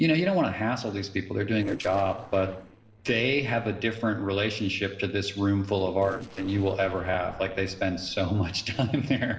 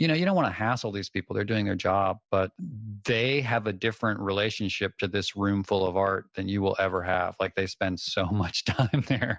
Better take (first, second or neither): second